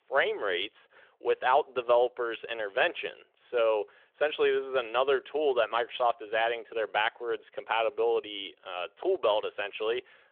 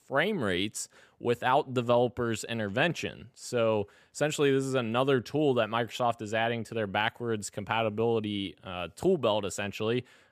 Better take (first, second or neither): second